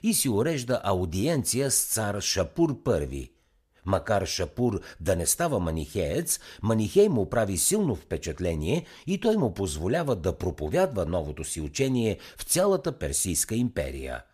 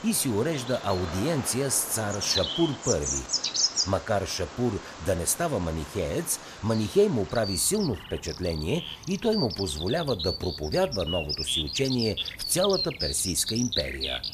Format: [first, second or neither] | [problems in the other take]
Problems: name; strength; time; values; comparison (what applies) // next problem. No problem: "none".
first | animal sounds; loud; throughout; 3 dB below the speech